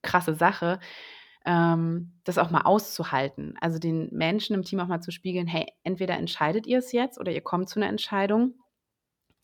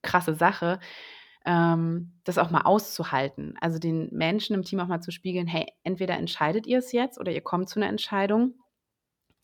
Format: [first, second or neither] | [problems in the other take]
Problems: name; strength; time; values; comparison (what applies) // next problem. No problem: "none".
neither | none